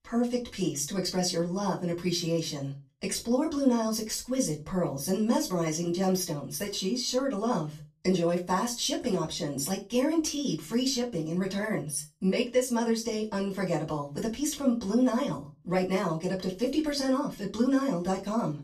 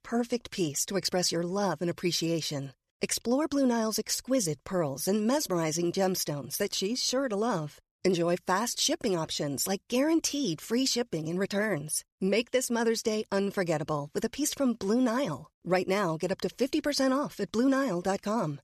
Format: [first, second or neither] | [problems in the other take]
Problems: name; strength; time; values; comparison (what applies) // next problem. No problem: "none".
second | off-mic speech; far // room echo; very slight; dies away in 0.3 s